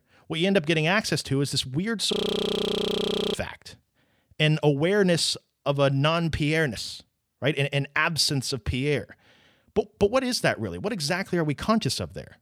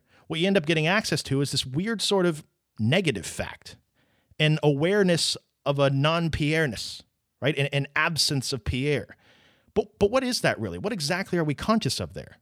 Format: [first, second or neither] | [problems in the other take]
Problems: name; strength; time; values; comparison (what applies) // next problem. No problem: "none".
second | audio freezing; at 2 s for 1 s